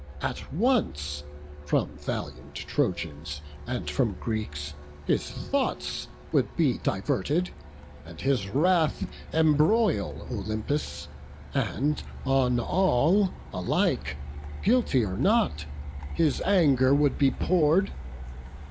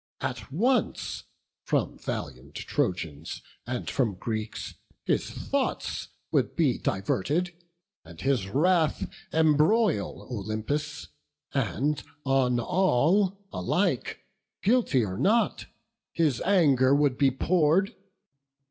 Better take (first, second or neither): second